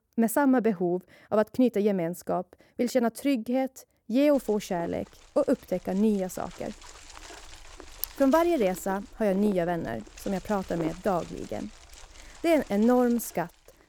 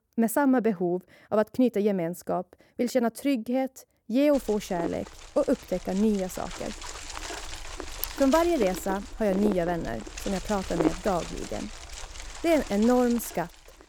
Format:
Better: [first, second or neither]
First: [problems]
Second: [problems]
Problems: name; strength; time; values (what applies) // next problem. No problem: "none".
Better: first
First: wind noise on the microphone; occasional gusts; from 4.5 s on; 20 dB below the speech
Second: wind noise on the microphone; heavy; from 4.5 s on; 10 dB below the speech